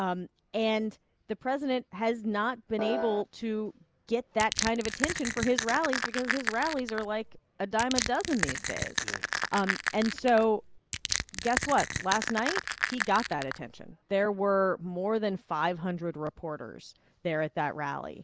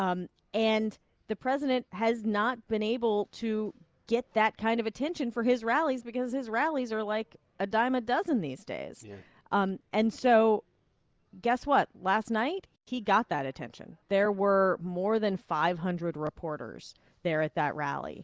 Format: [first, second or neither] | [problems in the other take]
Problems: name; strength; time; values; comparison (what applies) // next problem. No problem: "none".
second | background sound (Crushing + Piano); 3 dB below the speech